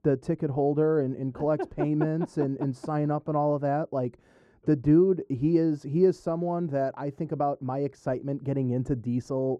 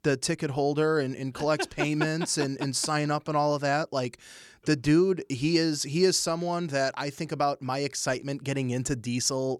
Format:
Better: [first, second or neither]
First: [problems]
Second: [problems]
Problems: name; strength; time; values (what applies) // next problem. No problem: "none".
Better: second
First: muffled; very; fading above 1.5 kHz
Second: none